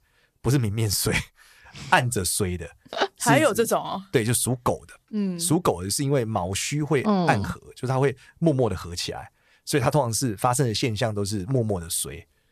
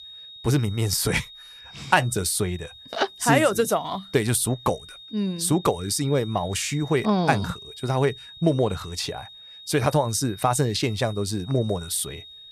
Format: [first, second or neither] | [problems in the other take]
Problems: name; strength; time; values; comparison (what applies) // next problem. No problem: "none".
first | high-pitched whine; noticeable; throughout; 3.5 kHz, 15 dB below the speech